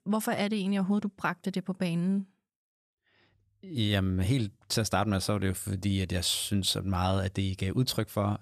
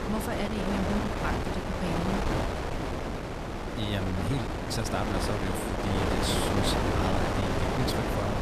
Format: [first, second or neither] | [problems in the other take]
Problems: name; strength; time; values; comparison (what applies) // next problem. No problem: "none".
first | wind noise on the microphone; heavy; 5 dB above the speech